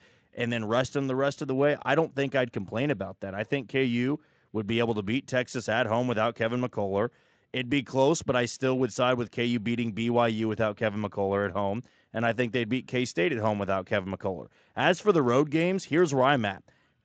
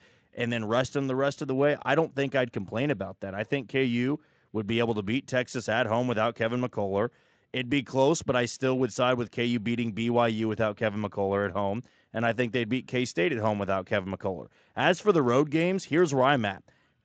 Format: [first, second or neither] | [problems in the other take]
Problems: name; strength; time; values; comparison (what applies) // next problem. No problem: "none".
neither | garbled, watery; slightly; nothing above 7.5 kHz; the same in both